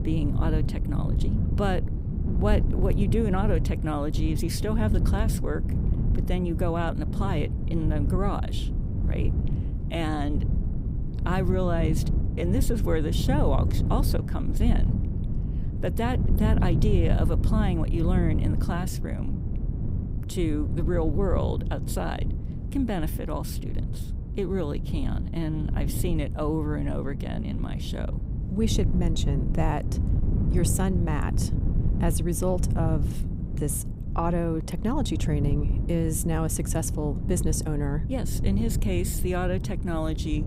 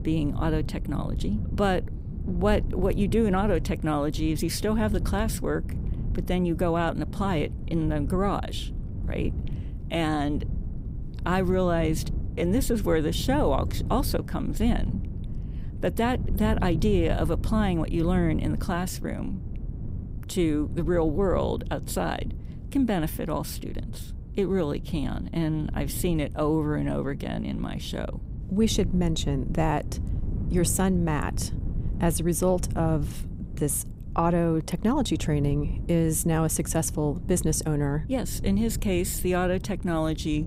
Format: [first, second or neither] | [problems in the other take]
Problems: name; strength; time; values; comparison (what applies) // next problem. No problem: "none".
second | wind noise on the microphone; heavy; 8 dB below the speech; occasional gusts in the second